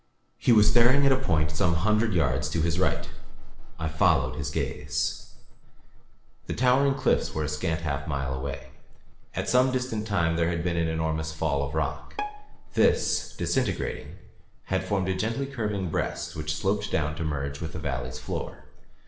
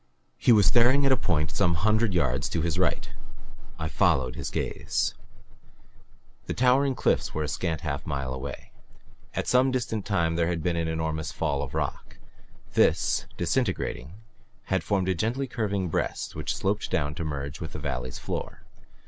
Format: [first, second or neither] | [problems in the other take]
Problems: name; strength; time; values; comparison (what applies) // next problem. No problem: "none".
second | background sound (Bowed string instrument); 16 dB below the speech // room echo; dies away in 0.7 s